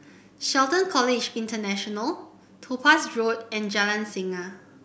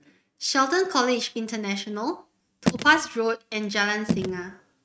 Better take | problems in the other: first | noise reduction (neural mask model RNNoise)

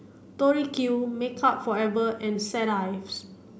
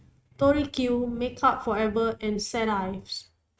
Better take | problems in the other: first | noise reduction (neural mask model RNNoise)

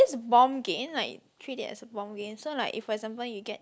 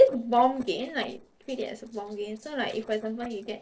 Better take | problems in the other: first | noise reduction (neural separator model SepFormer DNS4)

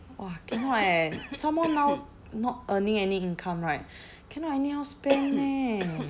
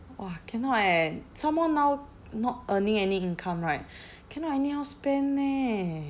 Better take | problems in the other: second | background sound (Cough); 11 dB below the speech

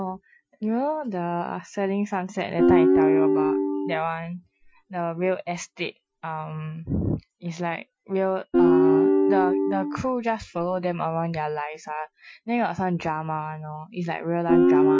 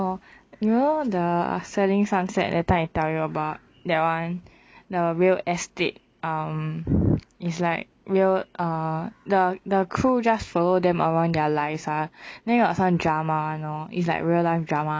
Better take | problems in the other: second | noise reduction (classical method Wiener filter)

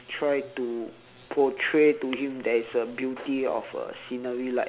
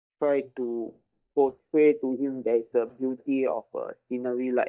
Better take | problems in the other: first | noise reduction (neural mask model DeepFilterNet 3)

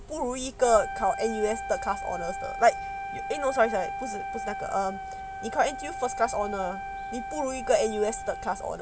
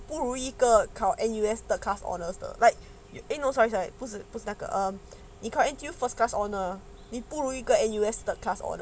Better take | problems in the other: second | background sound (Wind instrument, woodwind instrument); 7 dB below the speech

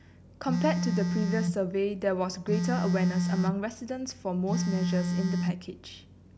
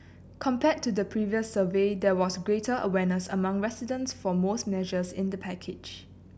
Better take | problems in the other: second | background sound (Telephone); 1 dB above the speech

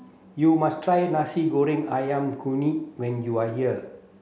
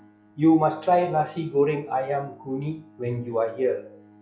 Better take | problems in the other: first | noise reduction (classical method log-MMSE)

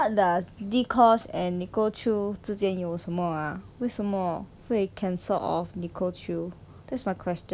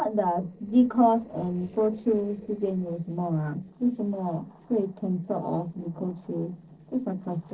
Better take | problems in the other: first | noise reduction (neural separator model SepFormer DNS4)

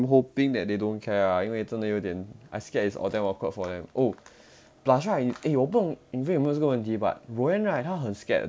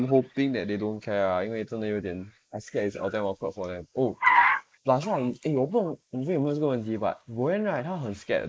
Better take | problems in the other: first | noise reduction (neural mask model Resemble Enhance denoiser)

